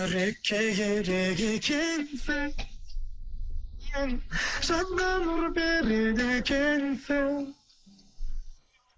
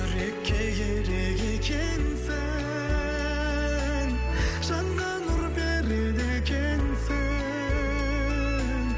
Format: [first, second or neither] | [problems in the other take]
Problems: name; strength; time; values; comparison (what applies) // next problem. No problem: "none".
second | noise reduction (neural mask model Resemble Enhance denoiser)